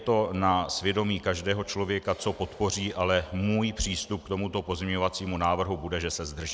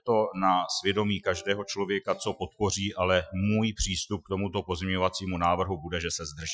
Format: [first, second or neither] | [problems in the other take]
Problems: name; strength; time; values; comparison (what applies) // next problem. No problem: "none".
first | noise reduction (classical method Wiener filter)